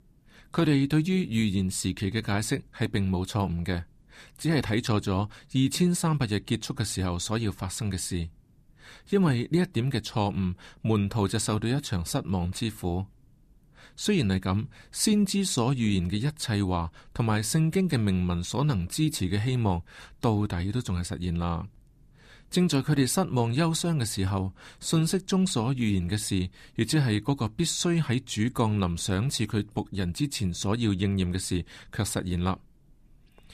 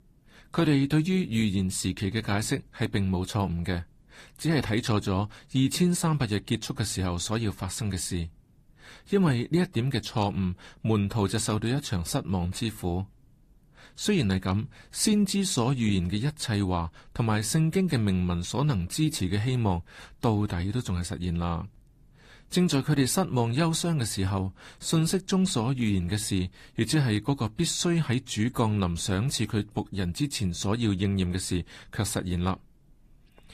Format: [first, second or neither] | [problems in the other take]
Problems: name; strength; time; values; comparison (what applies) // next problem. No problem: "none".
first | garbled, watery; slightly; nothing above 14.5 kHz